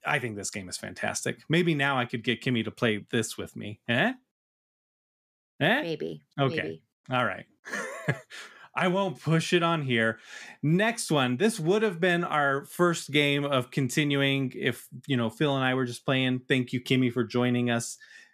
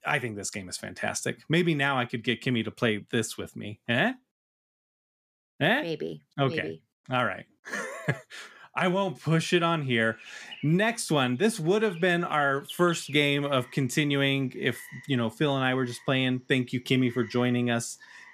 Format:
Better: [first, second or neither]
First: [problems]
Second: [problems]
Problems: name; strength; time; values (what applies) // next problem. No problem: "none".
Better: first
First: none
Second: animal sounds; noticeable; from 10 s on; 20 dB below the speech